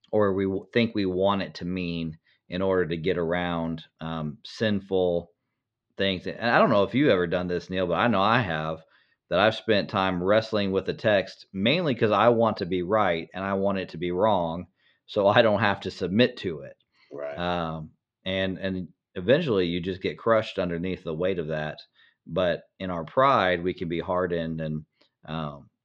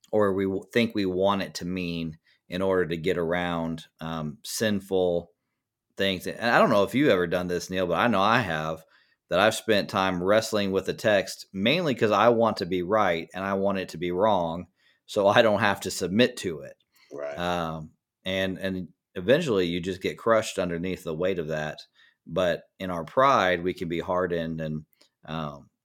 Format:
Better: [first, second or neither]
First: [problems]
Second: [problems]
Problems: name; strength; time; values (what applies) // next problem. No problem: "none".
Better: second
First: muffled; very slightly; fading above 4 kHz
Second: none